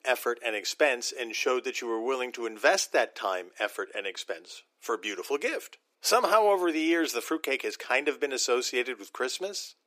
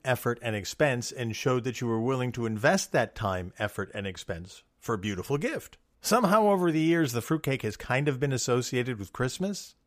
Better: second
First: thin; very; fading below 300 Hz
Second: none

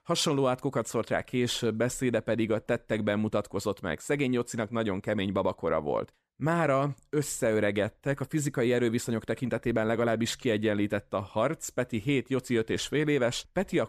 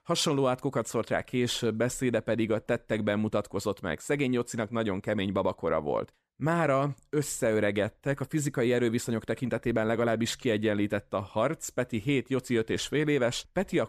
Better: neither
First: none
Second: none

